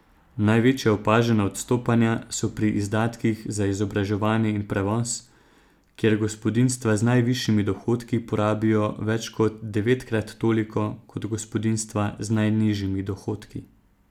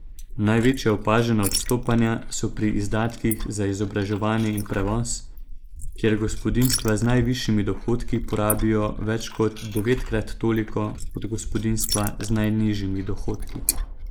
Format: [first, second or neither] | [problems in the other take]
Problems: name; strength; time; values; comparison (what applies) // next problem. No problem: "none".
first | noise reduction (neural mask model Resemble Enhance denoiser)